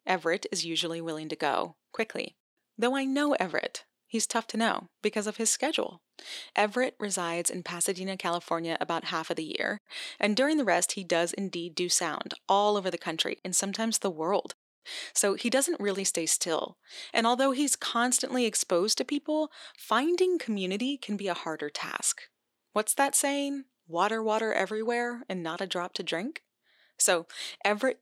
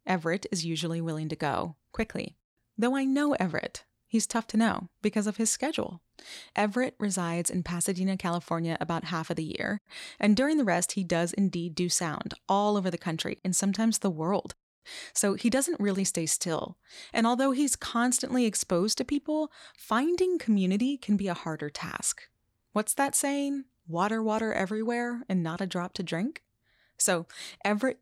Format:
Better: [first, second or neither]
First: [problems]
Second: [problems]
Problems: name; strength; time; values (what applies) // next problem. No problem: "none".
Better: second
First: thin; very slightly; fading below 400 Hz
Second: none